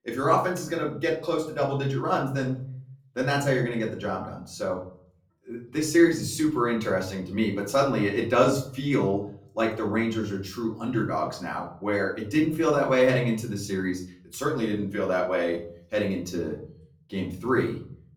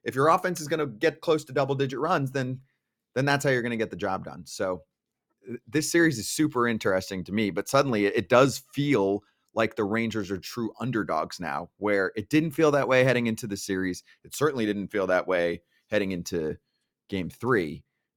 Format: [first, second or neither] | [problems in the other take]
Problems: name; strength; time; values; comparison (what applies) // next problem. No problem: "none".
second | room echo; slight; dies away in 0.5 s // off-mic speech; far